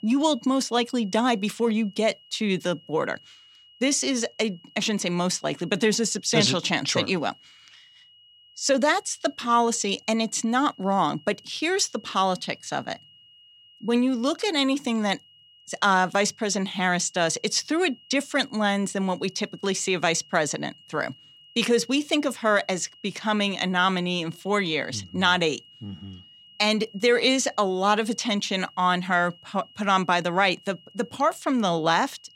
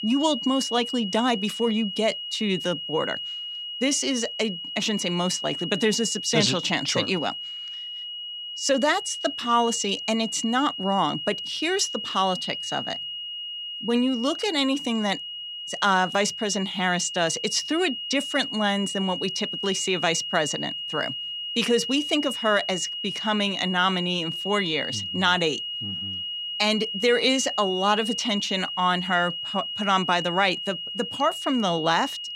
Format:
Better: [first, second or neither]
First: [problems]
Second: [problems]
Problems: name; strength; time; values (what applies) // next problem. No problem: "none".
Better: first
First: high-pitched whine; faint; throughout; 3 kHz, 25 dB below the speech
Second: high-pitched whine; loud; throughout; 3 kHz, 6 dB below the speech